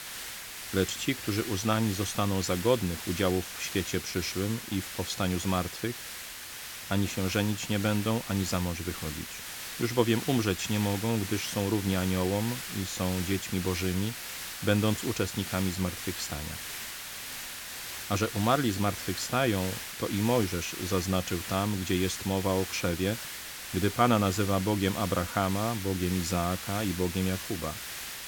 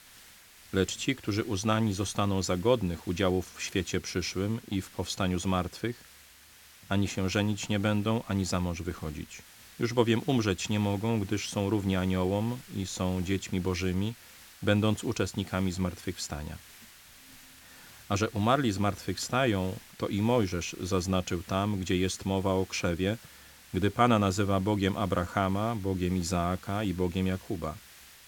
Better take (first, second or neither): second